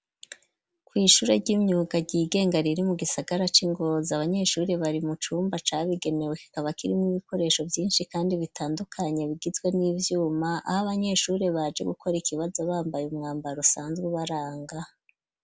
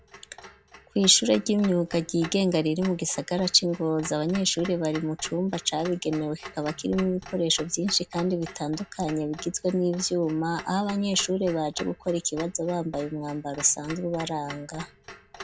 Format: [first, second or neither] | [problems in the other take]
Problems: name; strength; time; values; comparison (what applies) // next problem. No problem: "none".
first | background sound (Clock); 17 dB below the speech